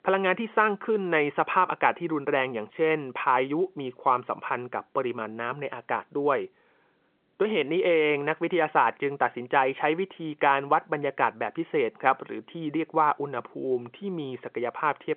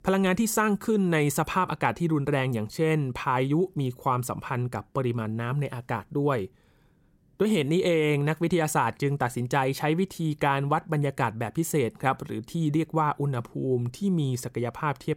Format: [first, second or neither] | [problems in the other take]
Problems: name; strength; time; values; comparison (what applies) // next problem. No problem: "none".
second | phone-call audio